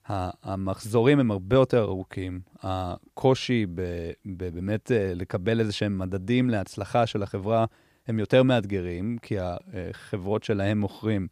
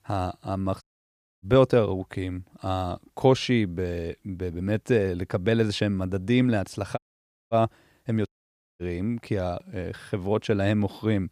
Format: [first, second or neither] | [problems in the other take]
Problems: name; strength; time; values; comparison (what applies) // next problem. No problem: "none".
first | audio cutting out; at 1 s for 0.5 s, at 7 s for 0.5 s and at 8.5 s for 0.5 s